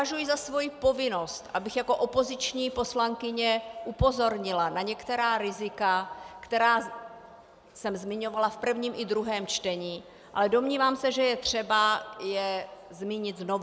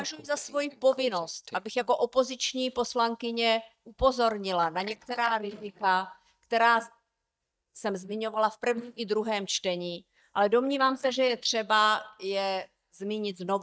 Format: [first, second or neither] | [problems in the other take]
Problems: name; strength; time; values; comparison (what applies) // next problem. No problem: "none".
first | noise reduction (neural mask model DeepFilterNet 3)